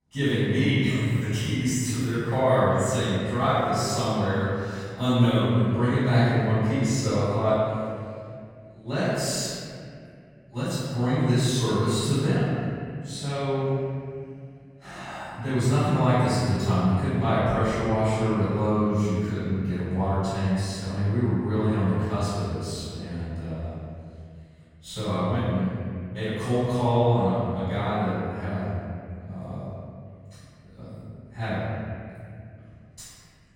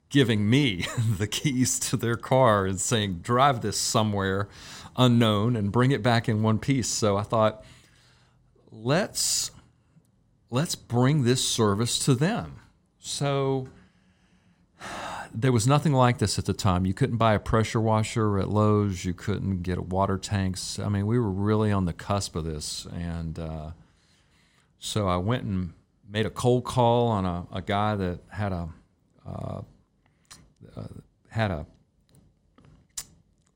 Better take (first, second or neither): second